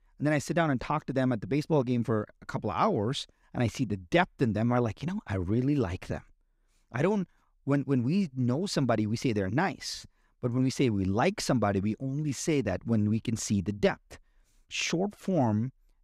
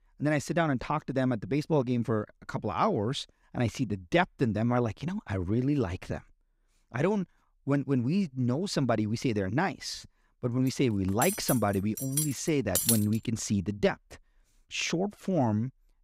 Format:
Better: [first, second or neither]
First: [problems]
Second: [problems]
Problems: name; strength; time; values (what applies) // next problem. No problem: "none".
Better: first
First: none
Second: clattering dishes; loud; from 11 to 13 s; peak 3 dB above the speech